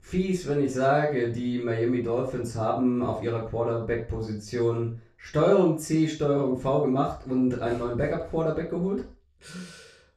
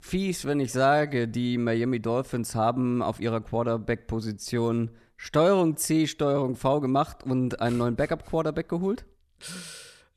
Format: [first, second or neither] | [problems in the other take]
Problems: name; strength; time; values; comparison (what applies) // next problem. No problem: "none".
second | room echo; noticeable; dies away in 0.3 s // off-mic speech; far